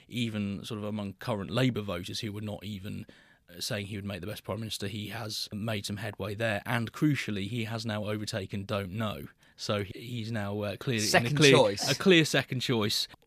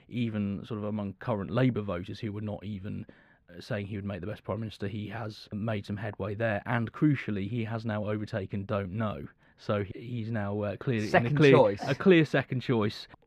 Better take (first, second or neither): first